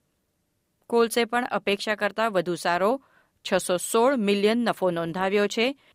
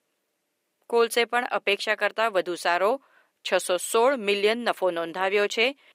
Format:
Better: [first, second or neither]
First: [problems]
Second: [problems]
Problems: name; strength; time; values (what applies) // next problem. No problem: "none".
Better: first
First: none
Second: thin; somewhat; fading below 400 Hz